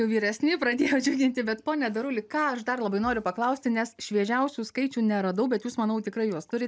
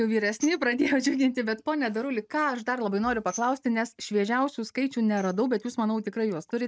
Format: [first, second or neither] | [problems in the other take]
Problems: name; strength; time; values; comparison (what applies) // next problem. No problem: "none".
first | noise reduction (neural mask model RNNoise)